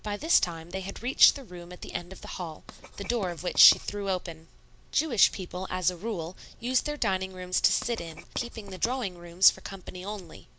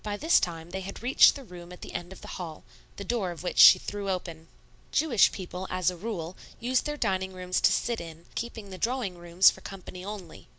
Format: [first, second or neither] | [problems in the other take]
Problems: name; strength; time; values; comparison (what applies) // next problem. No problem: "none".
second | background sound (Writing); 19 dB below the speech